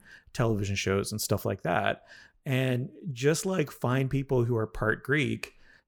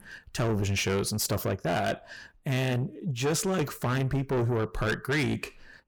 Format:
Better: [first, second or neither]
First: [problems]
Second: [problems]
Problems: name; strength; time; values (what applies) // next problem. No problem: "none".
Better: first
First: none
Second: distortion; heavy; 7 dB below the speech